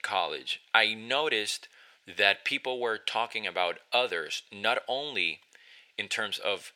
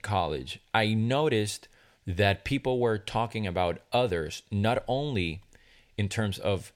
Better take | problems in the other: second | thin; very; fading below 450 Hz

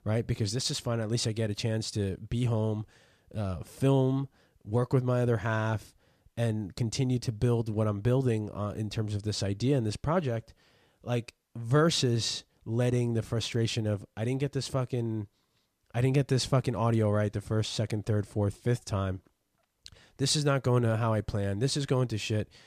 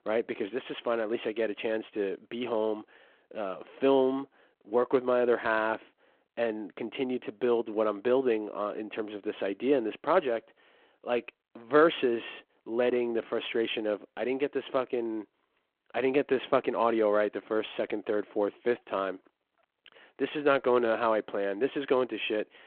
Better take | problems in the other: first | phone-call audio

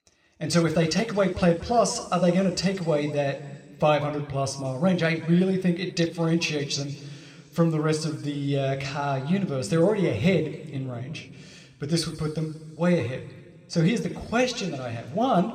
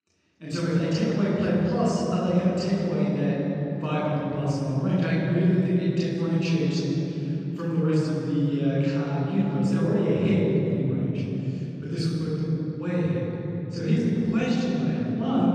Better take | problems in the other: first | room echo; strong; dies away in 3 s; slight in the first // off-mic speech; far

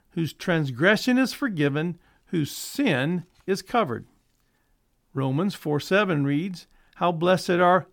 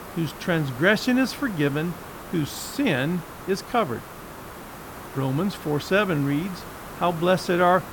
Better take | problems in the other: first | hiss; noticeable; throughout; 15 dB below the speech

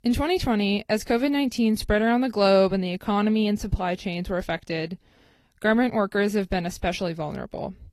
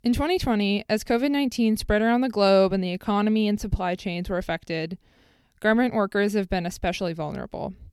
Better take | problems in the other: second | garbled, watery; slightly; nothing above 13 kHz

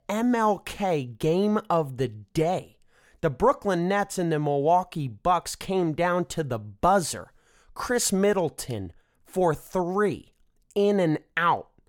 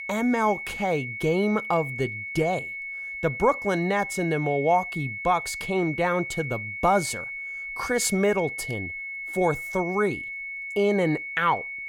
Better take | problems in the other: first | high-pitched whine; loud; throughout; 2 kHz, 6 dB below the speech

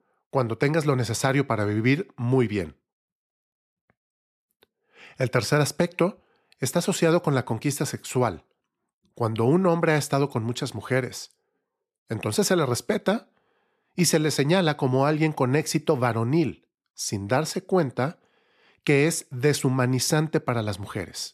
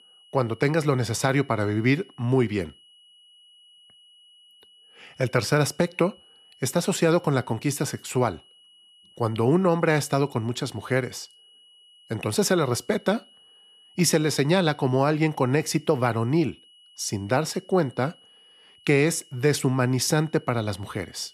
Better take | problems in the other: first | high-pitched whine; faint; throughout; 3 kHz, 30 dB below the speech

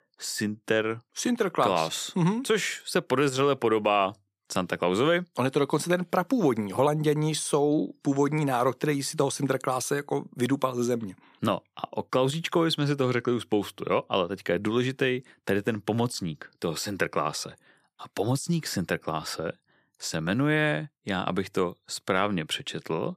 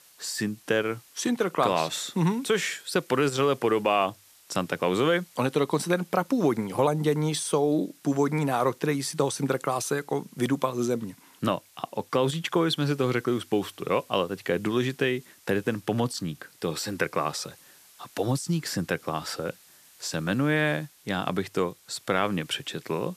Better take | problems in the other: first | hiss; faint; throughout; 25 dB below the speech

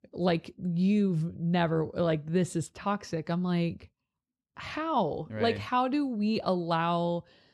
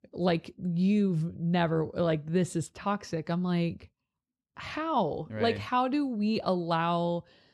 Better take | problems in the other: neither | none

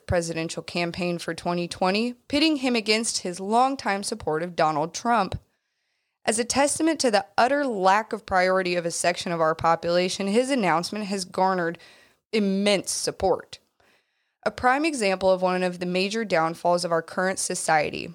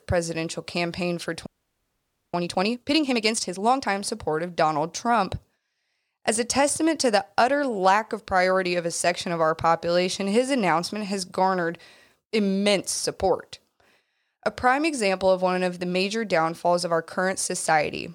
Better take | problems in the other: first | audio freezing; at 1.5 s for 1 s

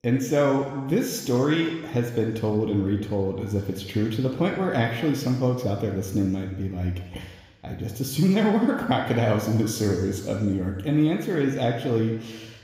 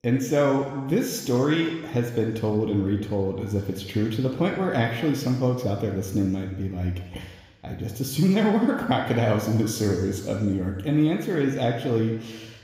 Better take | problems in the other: neither | room echo; noticeable; dies away in 1.1 s; the same in both

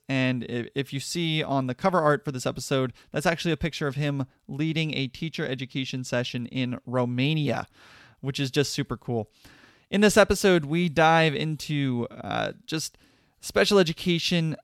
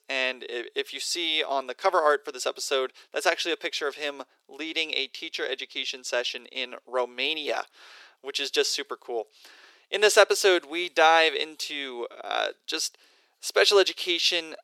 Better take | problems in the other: first | thin; very; fading below 350 Hz

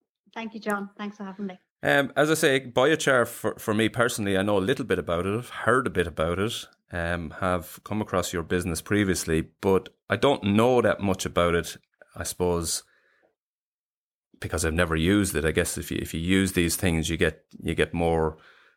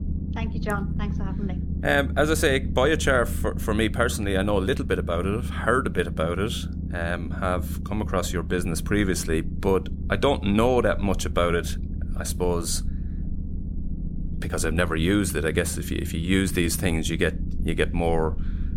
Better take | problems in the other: first | low rumble; noticeable; throughout; 15 dB below the speech

